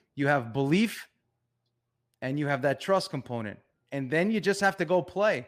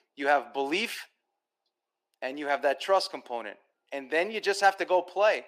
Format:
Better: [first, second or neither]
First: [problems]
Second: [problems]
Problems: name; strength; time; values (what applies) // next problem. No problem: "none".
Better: first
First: none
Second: thin; very; fading below 350 Hz